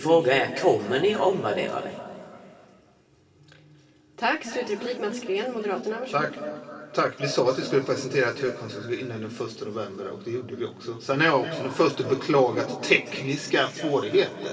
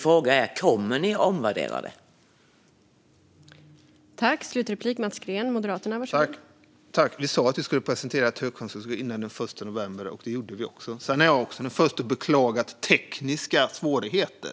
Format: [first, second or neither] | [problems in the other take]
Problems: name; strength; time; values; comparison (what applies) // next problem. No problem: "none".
second | room echo; dies away in 2.8 s